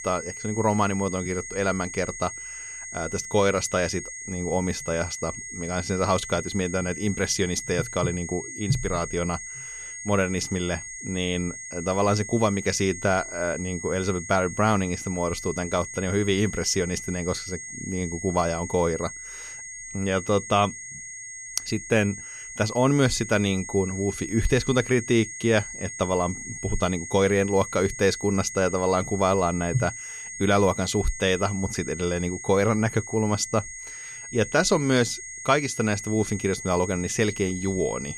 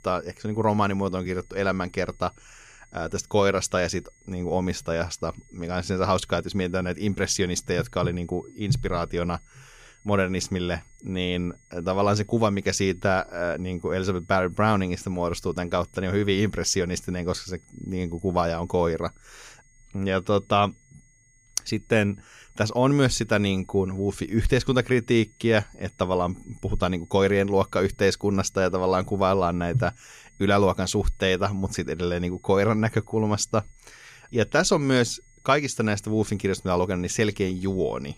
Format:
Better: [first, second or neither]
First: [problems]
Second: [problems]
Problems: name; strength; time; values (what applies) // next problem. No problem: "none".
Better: second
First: high-pitched whine; loud; throughout; 6.5 kHz, 9 dB below the speech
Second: high-pitched whine; faint; throughout; 6.5 kHz, 35 dB below the speech